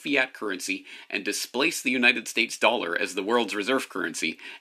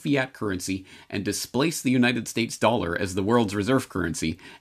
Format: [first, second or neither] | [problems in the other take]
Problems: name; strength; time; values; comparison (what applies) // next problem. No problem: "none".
second | thin; very slightly; fading below 300 Hz